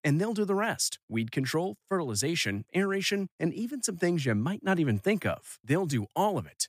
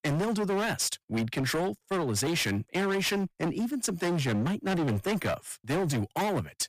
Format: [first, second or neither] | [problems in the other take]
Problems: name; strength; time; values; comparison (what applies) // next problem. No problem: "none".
first | distortion; heavy; 29% of the sound clipped